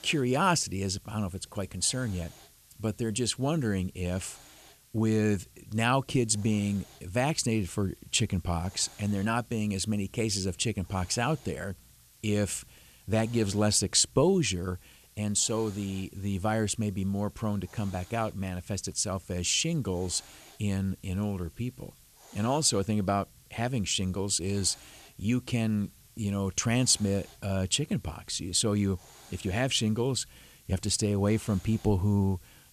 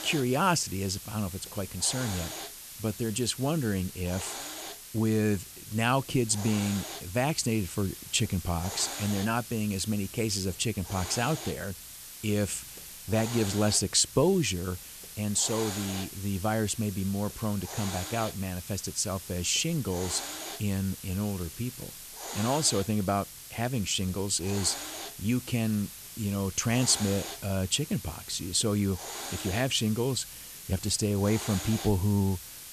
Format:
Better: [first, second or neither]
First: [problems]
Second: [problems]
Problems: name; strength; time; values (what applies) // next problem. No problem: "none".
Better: first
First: hiss; faint; throughout; 25 dB below the speech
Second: hiss; loud; throughout; 10 dB below the speech